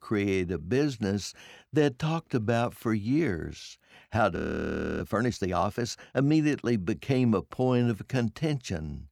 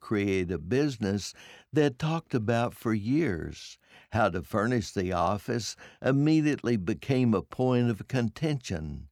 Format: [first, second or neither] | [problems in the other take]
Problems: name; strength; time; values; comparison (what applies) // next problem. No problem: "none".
second | audio freezing; at 4.5 s for 0.5 s